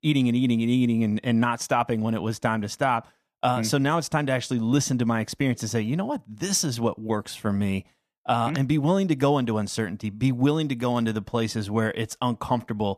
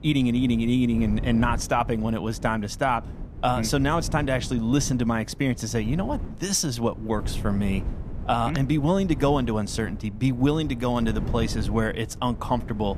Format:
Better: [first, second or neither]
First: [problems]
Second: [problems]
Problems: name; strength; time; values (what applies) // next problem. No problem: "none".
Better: first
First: none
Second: wind noise on the microphone; occasional gusts; 20 dB below the speech